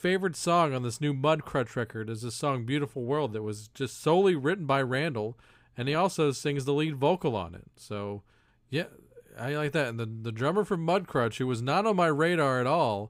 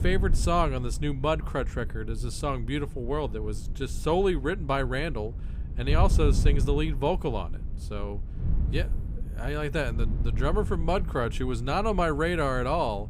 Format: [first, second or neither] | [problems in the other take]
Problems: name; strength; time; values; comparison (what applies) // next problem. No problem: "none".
first | wind noise on the microphone; occasional gusts; 20 dB below the speech